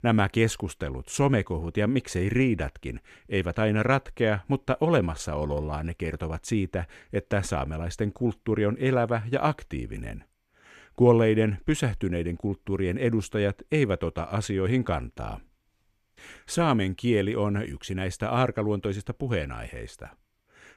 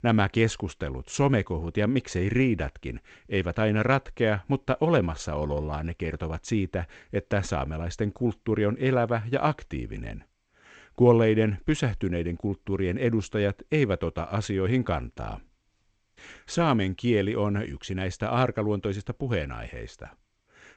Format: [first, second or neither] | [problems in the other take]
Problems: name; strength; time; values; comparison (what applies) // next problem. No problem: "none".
first | garbled, watery; slightly; nothing above 8 kHz